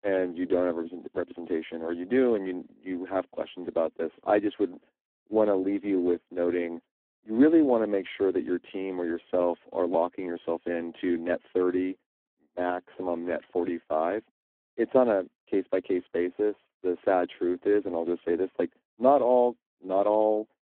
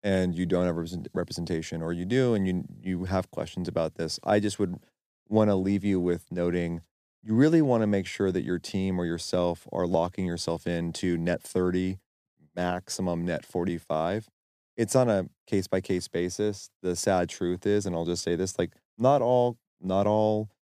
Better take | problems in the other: second | phone-call audio; poor line

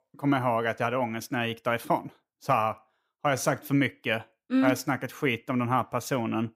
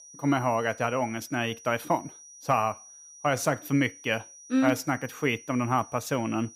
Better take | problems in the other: first | high-pitched whine; noticeable; throughout; 6 kHz, 20 dB below the speech

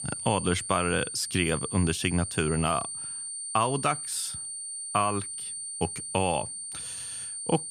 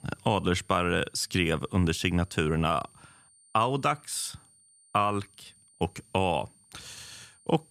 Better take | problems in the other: second | high-pitched whine; loud; throughout; 9 kHz, 5 dB below the speech; faint in the second

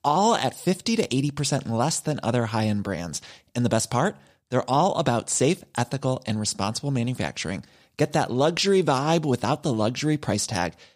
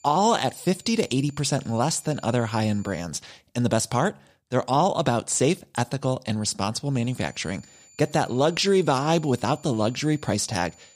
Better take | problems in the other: first | high-pitched whine; faint; until 3 s and from 7 s on; 7 kHz, 25 dB below the speech

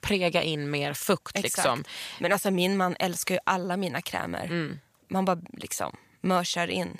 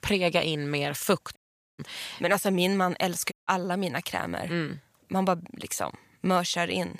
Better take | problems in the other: first | audio cutting out; at 1.5 s and at 3.5 s

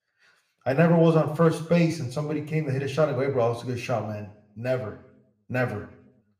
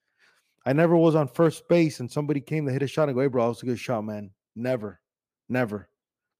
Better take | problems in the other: second | room echo; slight; dies away in 0.5 s

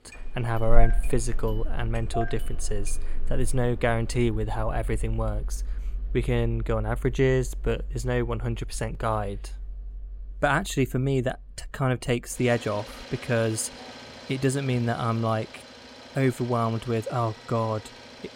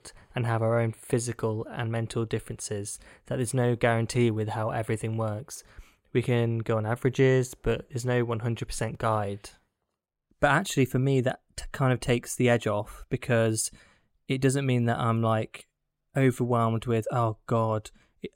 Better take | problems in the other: second | traffic noise; loud; throughout; 9 dB below the speech

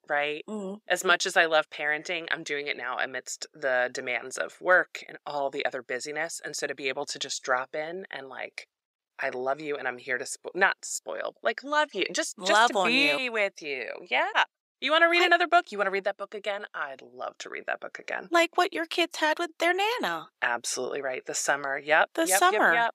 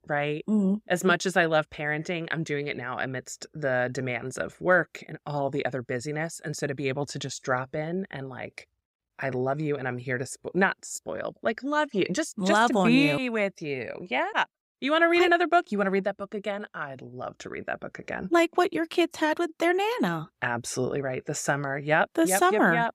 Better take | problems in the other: second | thin; somewhat; fading below 500 Hz

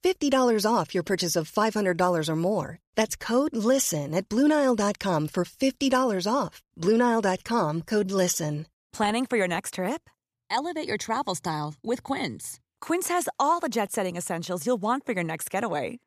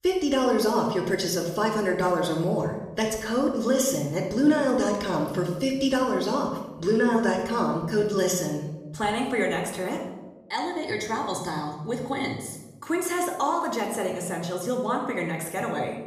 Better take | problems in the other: first | room echo; noticeable; dies away in 0.9 s // off-mic speech; somewhat distant

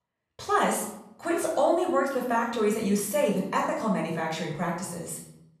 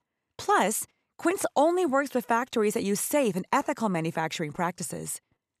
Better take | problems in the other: second | off-mic speech; far // room echo; noticeable; dies away in 0.6 s

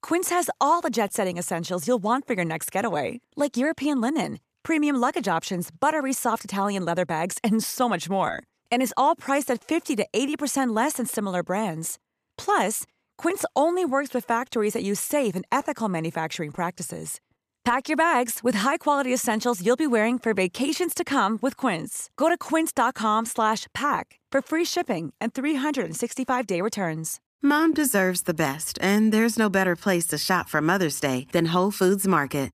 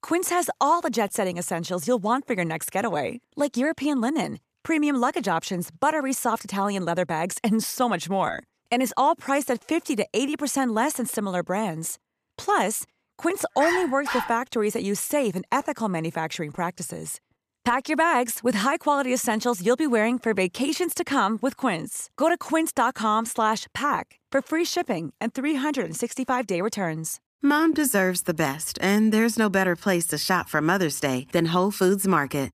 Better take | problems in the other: first | dog barking; noticeable; at 14 s; peak 3 dB below the speech

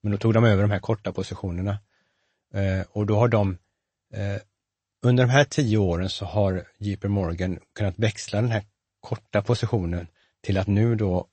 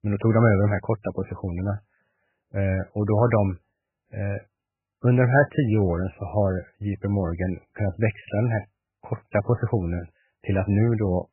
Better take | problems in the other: first | garbled, watery; badly; nothing above 2.5 kHz; slightly in the first

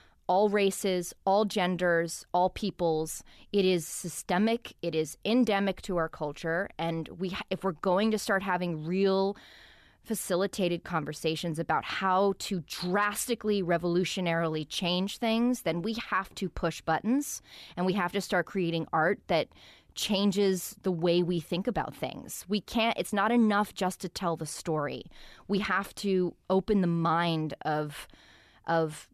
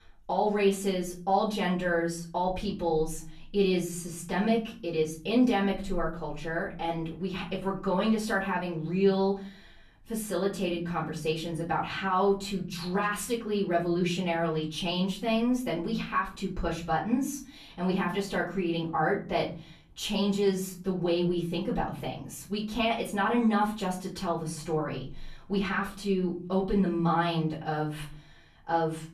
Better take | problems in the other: first | off-mic speech; far // room echo; slight; dies away in 0.5 s

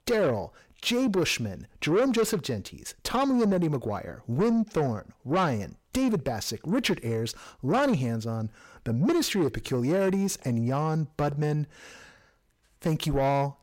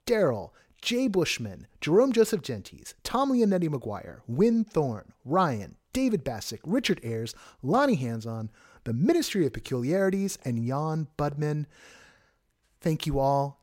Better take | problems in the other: second | distortion; slight; 10 dB below the speech

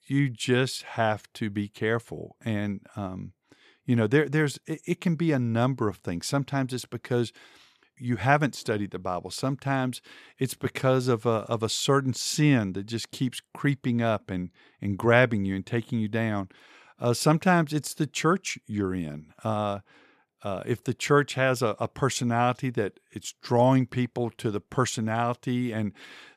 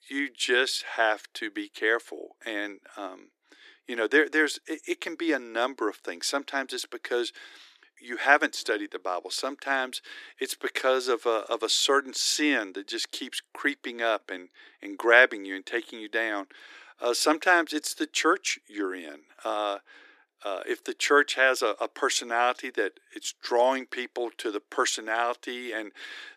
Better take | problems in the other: first | thin; very; fading below 300 Hz

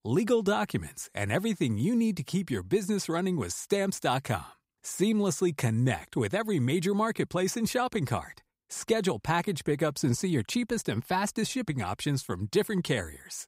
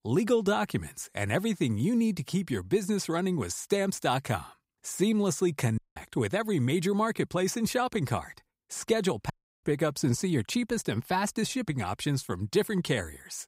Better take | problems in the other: first | audio cutting out; at 6 s and at 9.5 s

